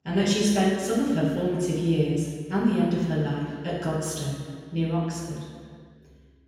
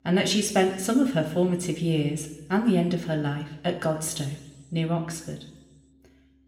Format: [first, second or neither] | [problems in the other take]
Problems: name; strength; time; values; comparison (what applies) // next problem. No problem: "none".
second | room echo; strong; dies away in 1.7 s; slight in the second // off-mic speech; far